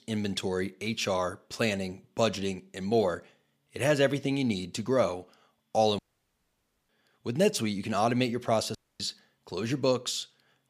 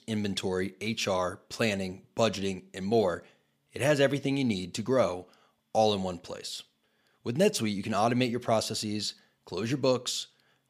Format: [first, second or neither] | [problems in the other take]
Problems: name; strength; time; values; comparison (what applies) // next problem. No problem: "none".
second | audio cutting out; at 6 s for 1 s and at 9 s